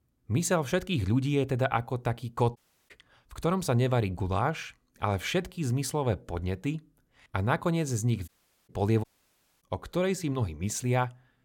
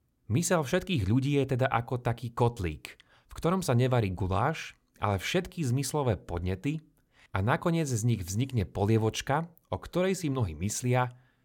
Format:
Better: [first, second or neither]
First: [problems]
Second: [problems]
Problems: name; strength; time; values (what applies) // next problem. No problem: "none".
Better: second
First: audio cutting out; at 2.5 s, at 8.5 s and at 9 s for 0.5 s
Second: none